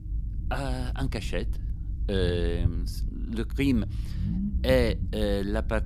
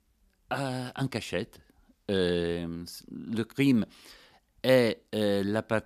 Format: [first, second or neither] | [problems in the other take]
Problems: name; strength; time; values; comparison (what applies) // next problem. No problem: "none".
second | low rumble; noticeable; throughout; 15 dB below the speech